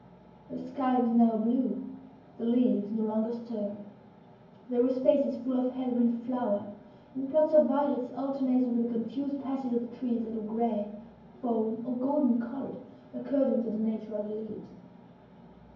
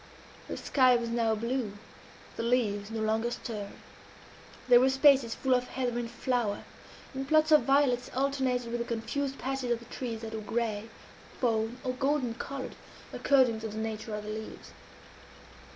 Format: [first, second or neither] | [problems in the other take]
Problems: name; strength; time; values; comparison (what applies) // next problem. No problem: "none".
second | room echo; dies away in 0.9 s